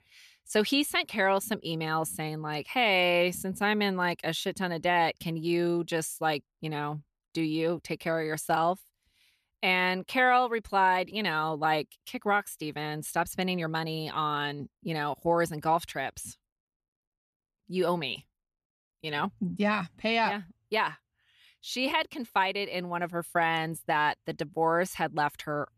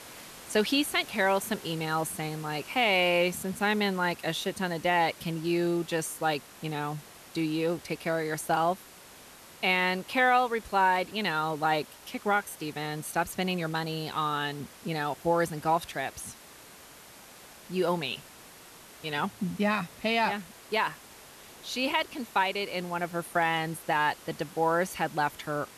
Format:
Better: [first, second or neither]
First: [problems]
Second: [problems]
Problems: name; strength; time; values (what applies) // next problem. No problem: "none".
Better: first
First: none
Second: hiss; noticeable; throughout; 20 dB below the speech